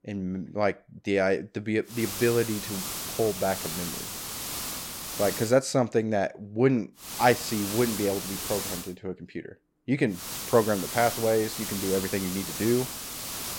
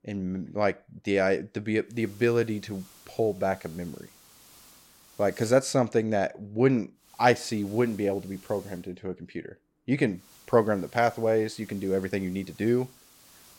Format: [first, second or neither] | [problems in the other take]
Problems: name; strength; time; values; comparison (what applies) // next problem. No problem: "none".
second | hiss; loud; from 2 to 5.5 s, from 7 to 9 s and from 10 s on; 6 dB below the speech; faint in the second